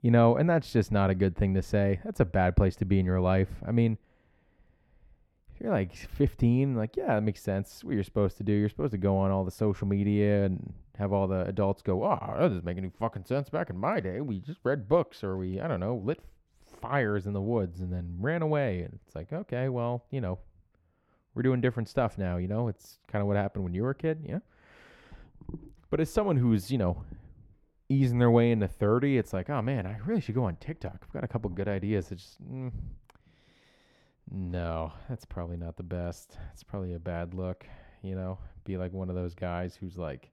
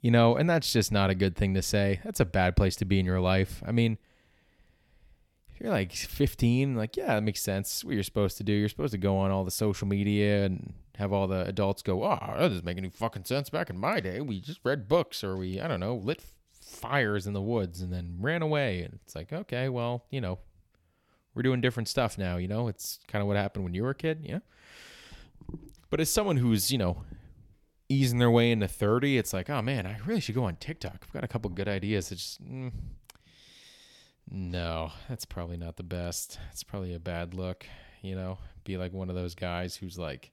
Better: second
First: muffled; very; fading above 2.5 kHz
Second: none

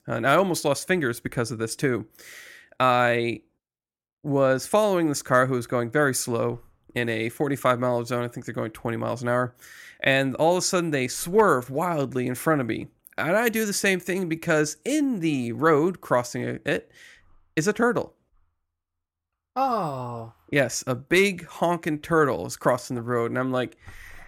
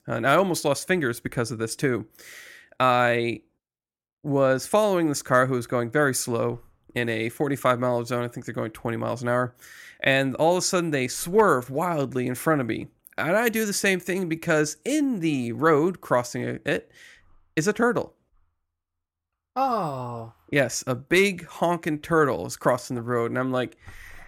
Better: neither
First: none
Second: none

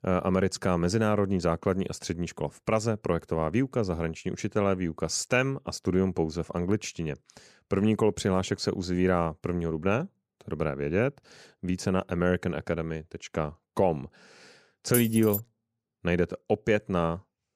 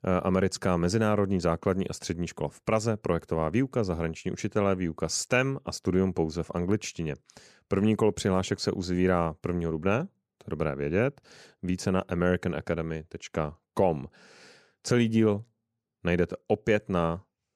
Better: second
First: jangling keys; noticeable; at 15 s; peak 2 dB below the speech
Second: none

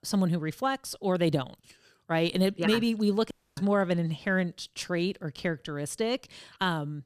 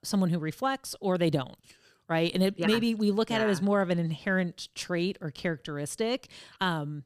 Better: second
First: audio cutting out; at 3.5 s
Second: none

